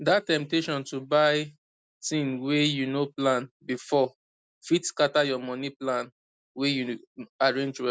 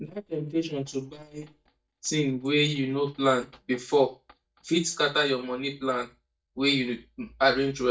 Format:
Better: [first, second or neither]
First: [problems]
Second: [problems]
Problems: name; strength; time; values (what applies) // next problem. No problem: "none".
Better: first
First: none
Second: noise reduction (neural mask model DeepFilterNet 3)